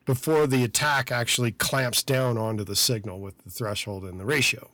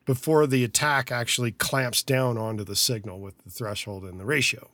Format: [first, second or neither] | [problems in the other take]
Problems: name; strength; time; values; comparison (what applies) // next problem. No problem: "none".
second | distortion; slight; 5% of the sound clipped